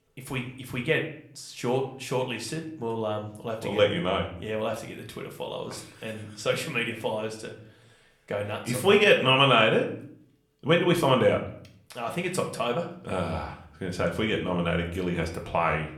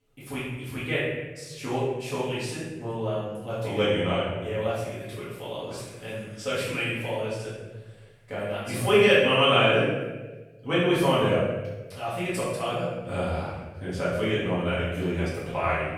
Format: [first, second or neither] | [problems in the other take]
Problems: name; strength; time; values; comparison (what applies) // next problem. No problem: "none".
first | room echo; strong; dies away in 1.1 s; slight in the first // off-mic speech; far; somewhat distant in the first